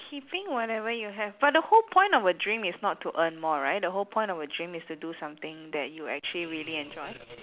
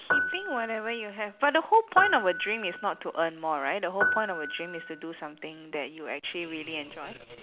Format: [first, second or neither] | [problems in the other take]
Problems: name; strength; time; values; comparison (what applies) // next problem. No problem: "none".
first | background sound (Piano); 2 dB below the speech